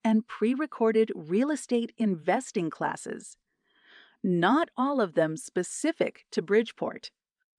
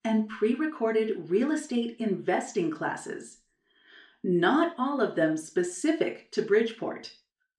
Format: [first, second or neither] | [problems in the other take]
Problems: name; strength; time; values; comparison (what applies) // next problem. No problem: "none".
first | room echo; very slight; dies away in 0.3 s // off-mic speech; somewhat distant